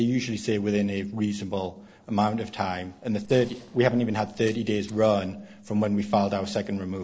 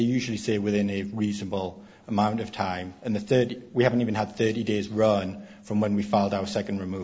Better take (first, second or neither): second